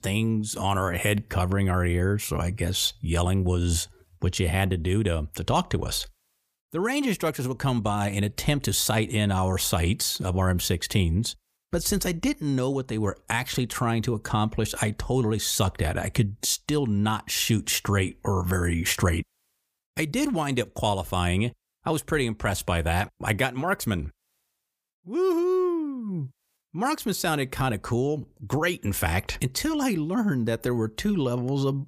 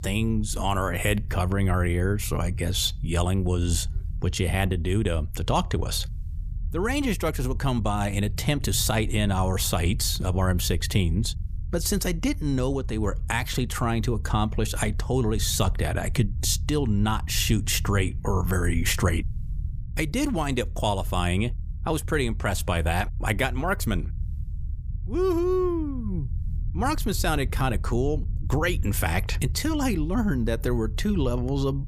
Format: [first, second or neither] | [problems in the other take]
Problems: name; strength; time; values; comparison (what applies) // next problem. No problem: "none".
first | low rumble; faint; throughout; 20 dB below the speech